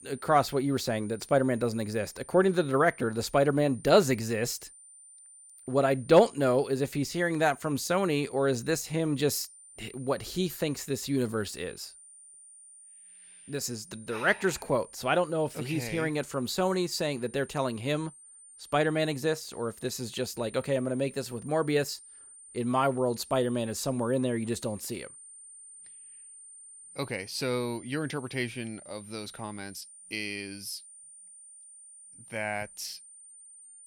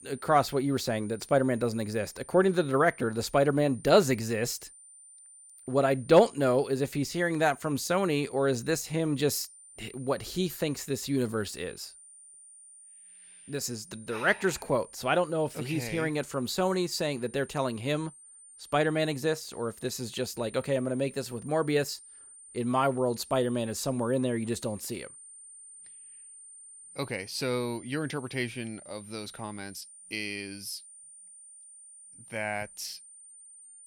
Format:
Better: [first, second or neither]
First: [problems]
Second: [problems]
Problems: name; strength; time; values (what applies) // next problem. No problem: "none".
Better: neither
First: high-pitched whine; noticeable; throughout; 9 kHz, 20 dB below the speech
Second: high-pitched whine; noticeable; throughout; 9 kHz, 20 dB below the speech